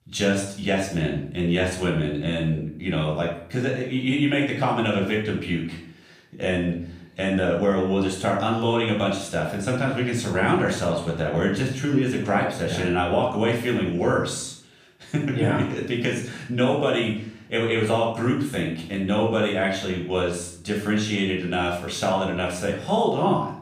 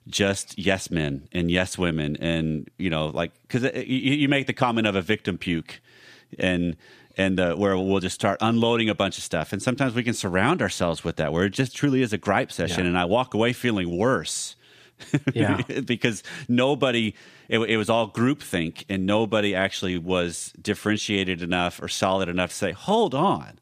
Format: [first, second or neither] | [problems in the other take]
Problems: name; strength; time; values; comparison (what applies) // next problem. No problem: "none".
second | off-mic speech; far // room echo; noticeable; dies away in 0.5 s